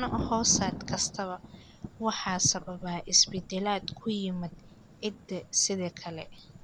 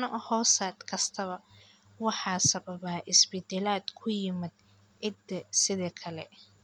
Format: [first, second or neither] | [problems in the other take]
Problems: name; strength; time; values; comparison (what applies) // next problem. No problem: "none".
second | background sound (Thunder); 10 dB below the speech